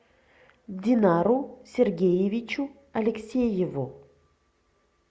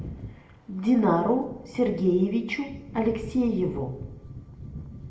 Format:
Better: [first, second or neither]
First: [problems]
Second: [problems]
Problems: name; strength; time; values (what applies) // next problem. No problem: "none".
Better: first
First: none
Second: background sound (Thunder / Wind); 15 dB below the speech // room echo; dies away in 0.7 s